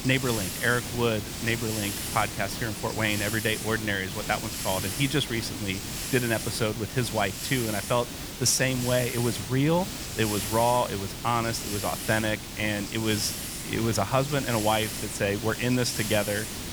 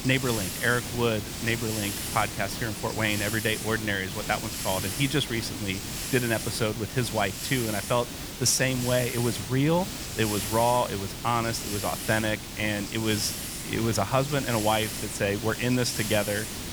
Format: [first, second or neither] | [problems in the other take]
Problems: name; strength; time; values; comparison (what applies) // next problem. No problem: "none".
neither | hiss; loud; throughout; 5 dB below the speech; the same in both